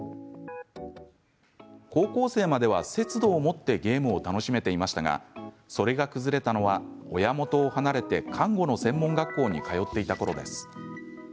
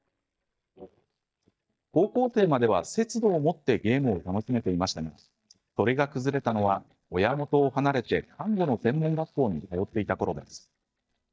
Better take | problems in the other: first | noise reduction (neural mask model DeepFilterNet 3)

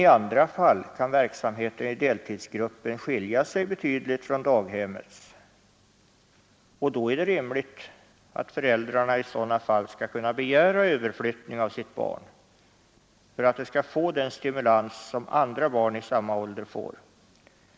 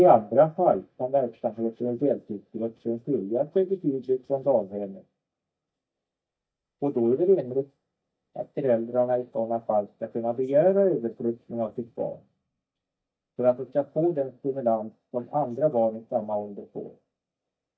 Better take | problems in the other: first | noise reduction (neural mask model DeepFilterNet 3)

